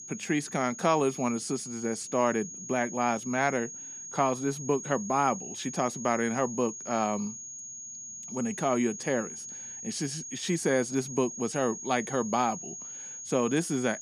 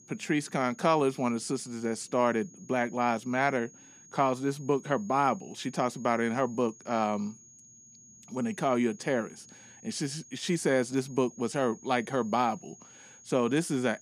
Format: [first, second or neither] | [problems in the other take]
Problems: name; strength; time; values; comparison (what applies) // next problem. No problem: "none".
second | high-pitched whine; loud; throughout; 6.5 kHz, 9 dB below the speech; faint in the second